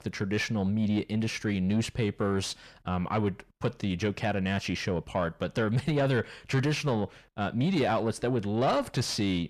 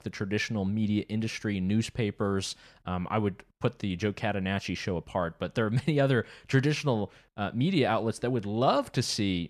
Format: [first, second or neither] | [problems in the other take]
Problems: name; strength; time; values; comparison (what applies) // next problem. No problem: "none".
second | distortion; slight; 10 dB below the speech